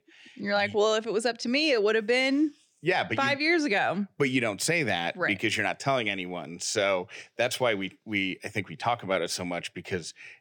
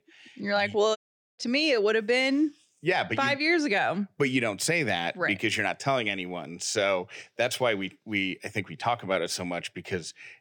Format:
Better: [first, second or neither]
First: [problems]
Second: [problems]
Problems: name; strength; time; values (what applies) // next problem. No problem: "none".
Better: first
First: none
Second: audio cutting out; at 1 s